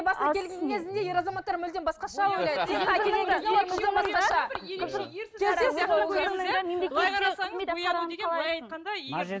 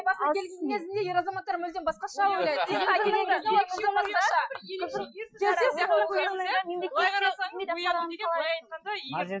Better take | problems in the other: first | noise reduction (classical method Wiener filter)

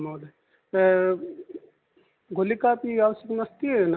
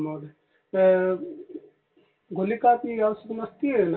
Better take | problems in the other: first | room echo; dies away in 0.2 s

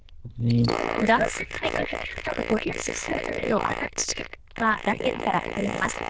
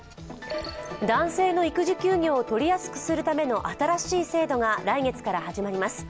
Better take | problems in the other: second | noise reduction (neural diffusion model UNIVERSE++)

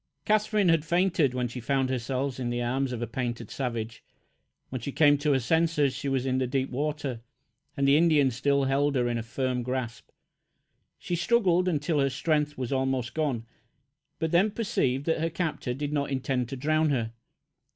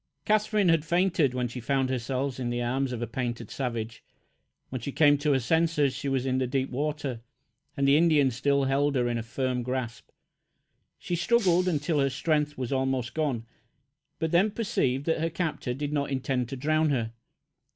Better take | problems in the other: first | background sound (Shatter); 17 dB below the speech

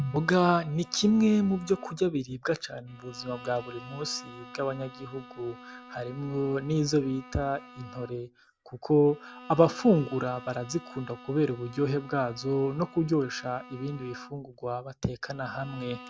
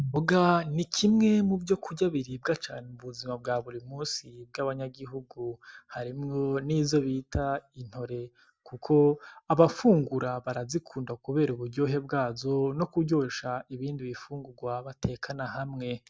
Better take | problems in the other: second | background sound (Bowed string instrument); 20 dB below the speech

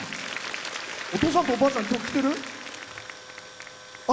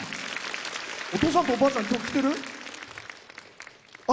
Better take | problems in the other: second | background sound (Tools); 18 dB below the speech

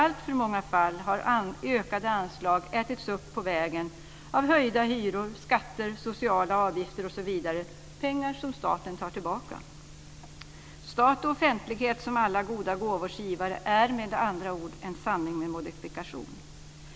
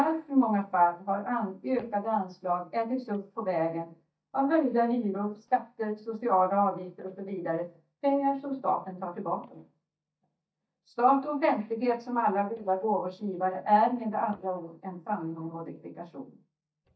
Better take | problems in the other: first | noise reduction (neural mask model DeepFilterNet 3)

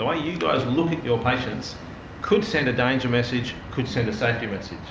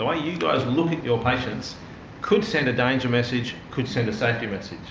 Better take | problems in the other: second | background sound (Motor vehicle (road)); 17 dB below the speech

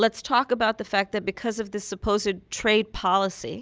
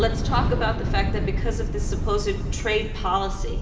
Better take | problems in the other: first | background sound (Thunder / Explosion); 3 dB above the speech // room echo; dies away in 2.3 s

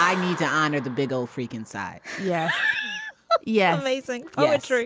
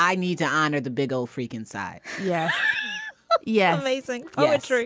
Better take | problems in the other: second | background sound (Clapping); 15 dB below the speech

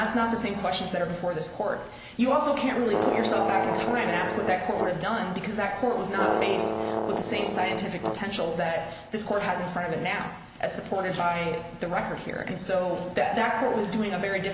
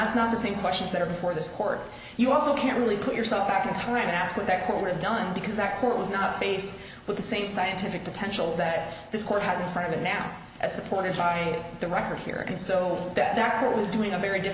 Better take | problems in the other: second | background sound (Brass instrument); 2 dB below the speech

